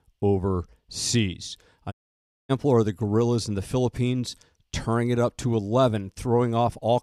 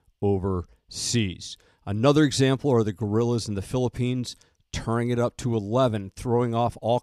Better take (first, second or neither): second